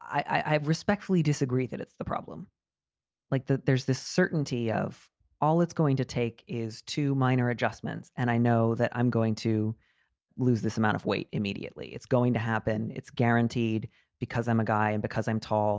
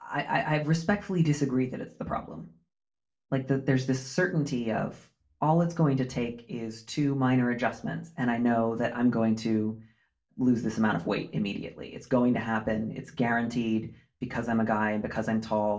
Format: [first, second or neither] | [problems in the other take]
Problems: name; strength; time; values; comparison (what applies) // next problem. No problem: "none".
first | room echo; dies away in 0.3 s